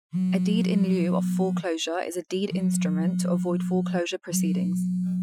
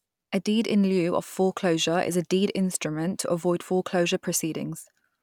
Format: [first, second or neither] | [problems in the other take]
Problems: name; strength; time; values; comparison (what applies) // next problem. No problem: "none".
second | noise reduction (classical method Wiener filter)